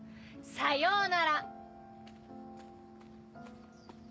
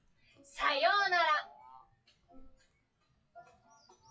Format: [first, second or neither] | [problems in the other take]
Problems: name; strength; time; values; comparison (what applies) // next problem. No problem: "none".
first | noise reduction (classical method WPE with log-MMSE)